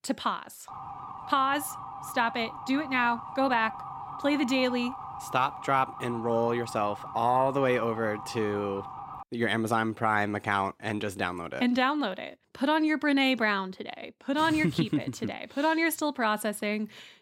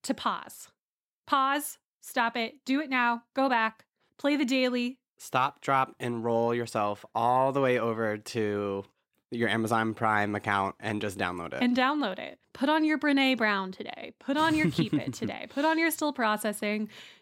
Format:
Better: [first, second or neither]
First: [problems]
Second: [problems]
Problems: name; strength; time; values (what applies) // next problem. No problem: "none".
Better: second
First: siren; faint; from 0.5 to 9 s; peak 10 dB below the speech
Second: none